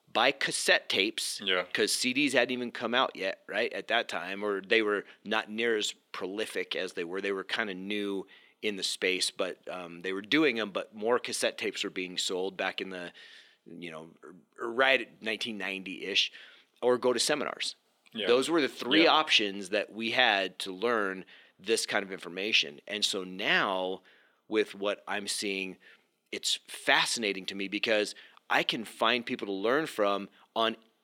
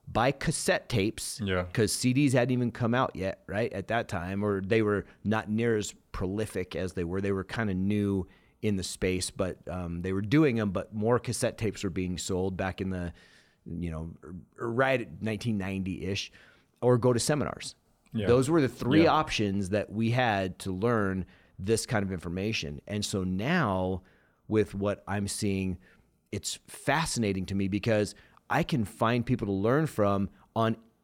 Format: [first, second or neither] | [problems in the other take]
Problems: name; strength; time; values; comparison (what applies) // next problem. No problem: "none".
second | thin; somewhat; fading below 300 Hz